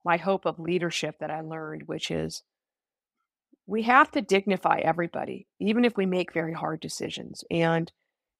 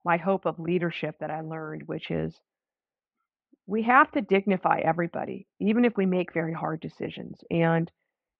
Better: first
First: none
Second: muffled; very; fading above 2.5 kHz

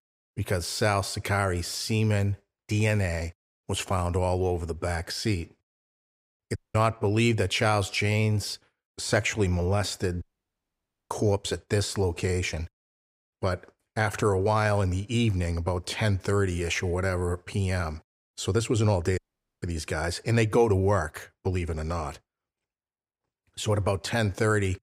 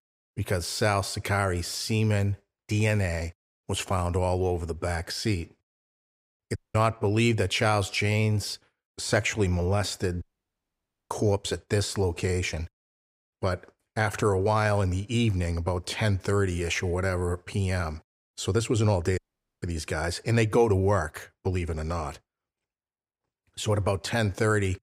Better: neither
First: audio cutting out; at 6.5 s, at 10 s for 1 s and at 19 s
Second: audio cutting out; at 6.5 s, at 10 s for 1 s and at 19 s

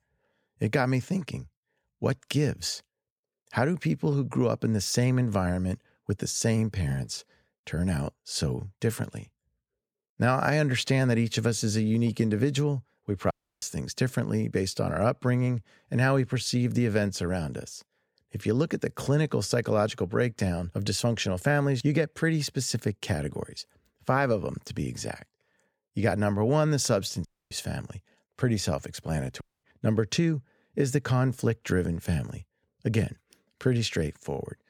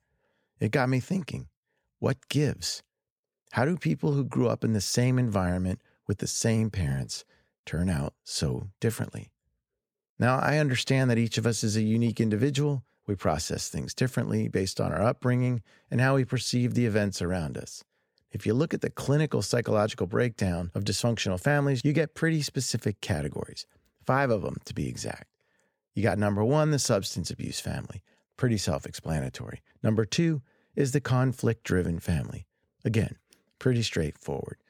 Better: second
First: audio cutting out; at 13 s, at 27 s and at 29 s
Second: none

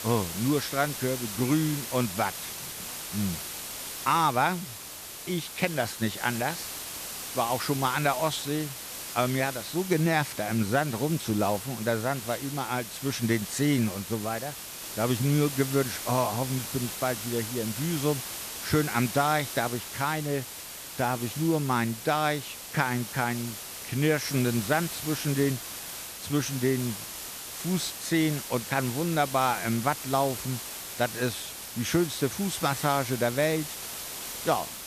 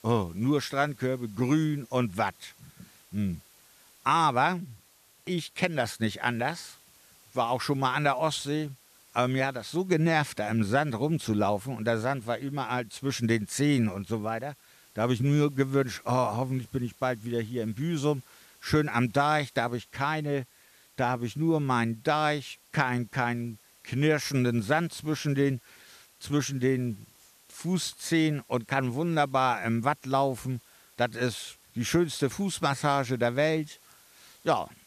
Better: second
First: hiss; loud; throughout; 7 dB below the speech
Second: hiss; faint; throughout; 30 dB below the speech

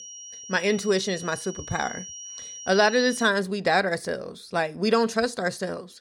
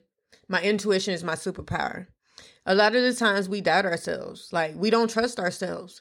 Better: second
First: high-pitched whine; noticeable; until 3.5 s; 5.5 kHz, 15 dB below the speech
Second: none

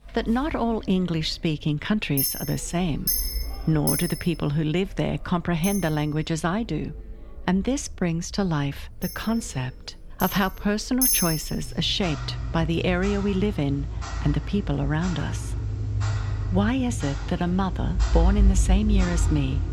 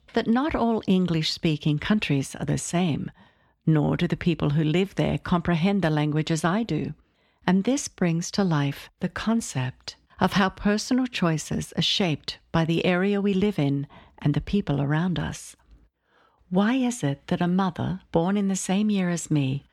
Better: second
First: household noises; loud; throughout; 2 dB below the speech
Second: none

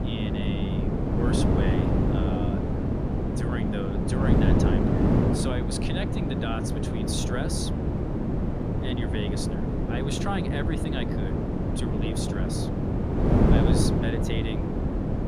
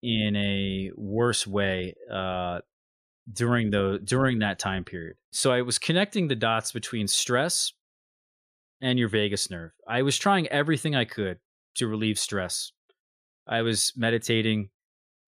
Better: second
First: wind noise on the microphone; heavy; 4 dB above the speech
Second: none

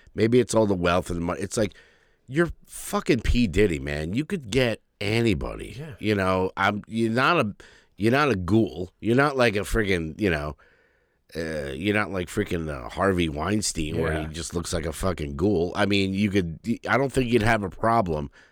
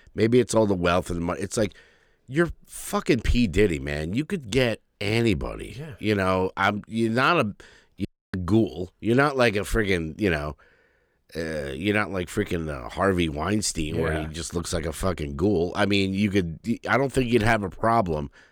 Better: first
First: none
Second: audio cutting out; at 8 s

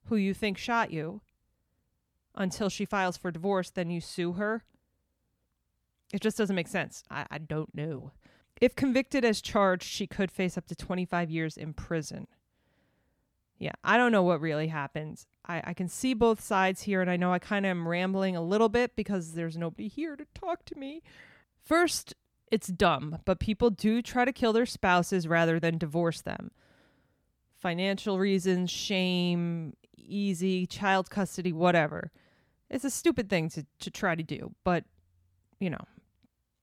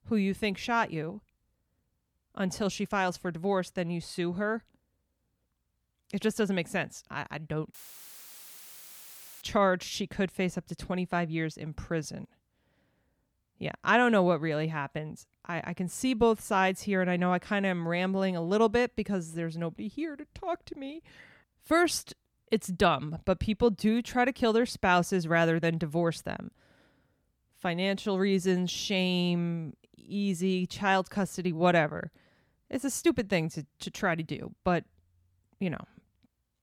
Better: first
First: none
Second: audio cutting out; filled with static; at 7.5 s for 1.5 s

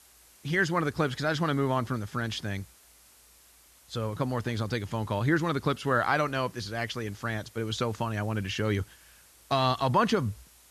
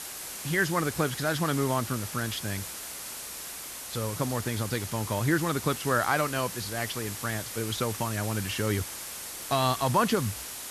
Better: first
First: hiss; faint; throughout; 25 dB below the speech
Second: hiss; loud; throughout; 7 dB below the speech

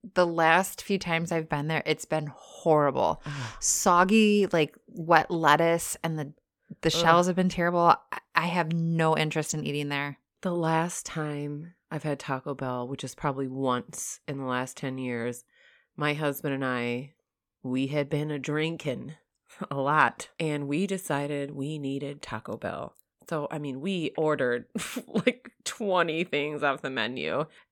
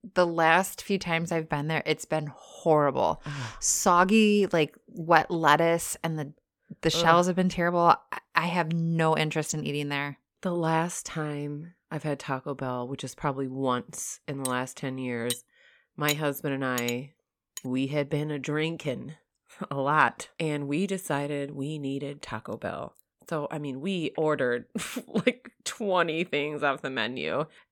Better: first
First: none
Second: clattering dishes; noticeable; from 14 to 18 s; peak 6 dB below the speech

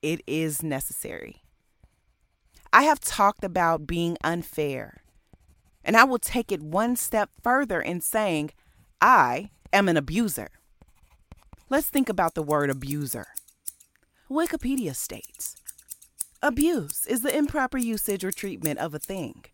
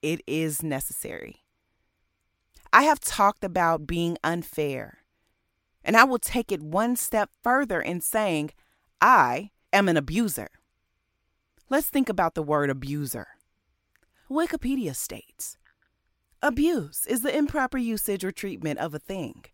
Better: second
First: household noises; noticeable; throughout; 15 dB below the speech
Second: none

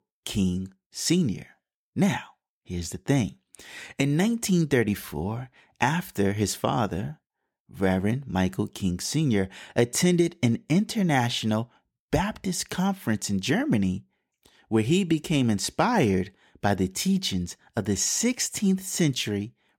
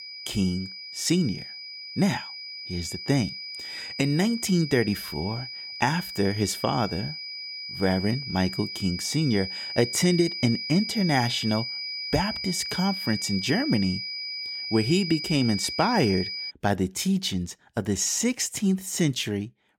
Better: first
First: none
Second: high-pitched whine; loud; until 17 s; 5 kHz, 6 dB below the speech

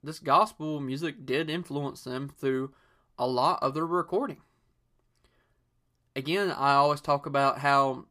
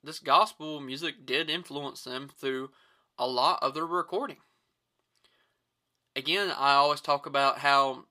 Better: first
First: none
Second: thin; very slightly; fading below 1 kHz

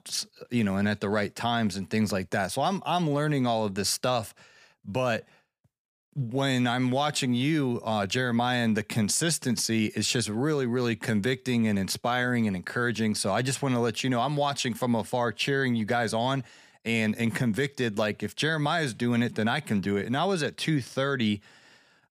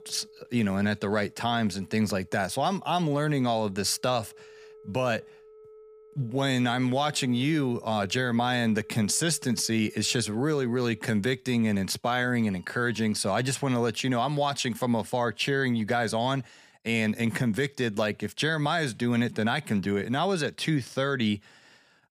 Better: first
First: none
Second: alarms or sirens; faint; until 14 s; 25 dB below the speech

